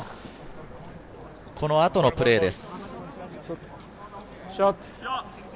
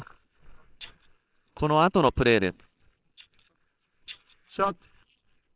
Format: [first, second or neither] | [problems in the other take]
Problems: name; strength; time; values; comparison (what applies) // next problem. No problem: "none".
first | noise reduction (neural separator model SepFormer WHAMR!)